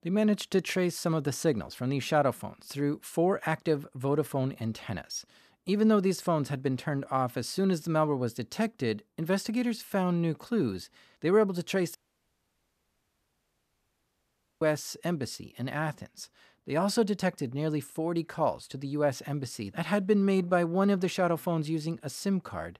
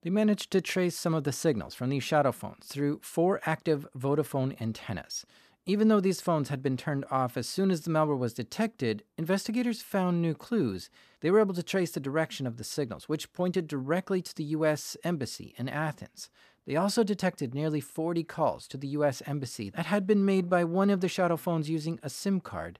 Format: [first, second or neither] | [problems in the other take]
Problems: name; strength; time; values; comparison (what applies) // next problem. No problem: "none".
second | audio cutting out; at 12 s for 2.5 s